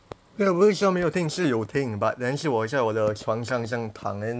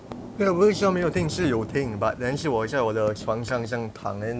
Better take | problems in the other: first | background sound (Thunder / Rain); 13 dB below the speech

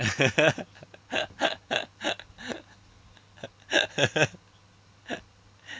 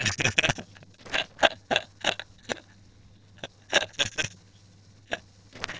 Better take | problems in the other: first | noise reduction (neural separator model SepFormer DNS4)

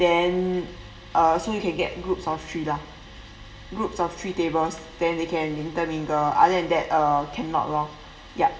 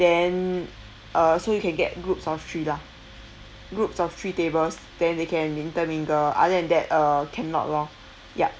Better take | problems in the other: second | room echo; dies away in 1.9 s

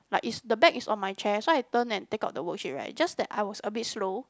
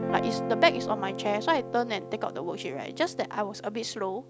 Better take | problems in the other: first | background sound (Guitar); 6 dB below the speech

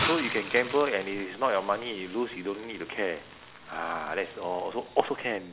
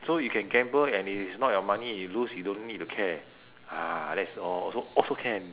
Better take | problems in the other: second | background sound (Hiss); 10 dB below the speech

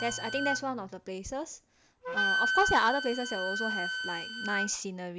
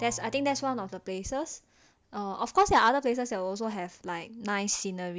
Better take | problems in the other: second | background sound (Wind instrument, woodwind instrument); 1 dB below the speech

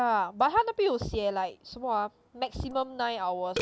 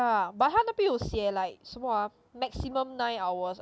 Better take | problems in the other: second | background sound (Burping, eructation); 14 dB below the speech

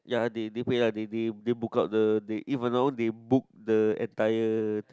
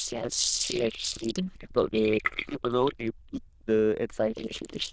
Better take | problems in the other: first | noise reduction (neural diffusion model UNIVERSE++)

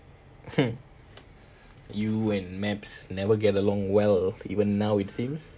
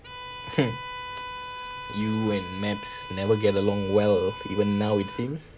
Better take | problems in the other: first | background sound (Bowed string instrument); 12 dB below the speech

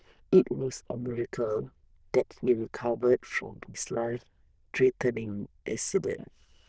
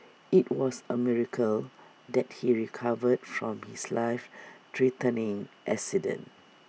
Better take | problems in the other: second | noise reduction (neural diffusion model UNIVERSE++)

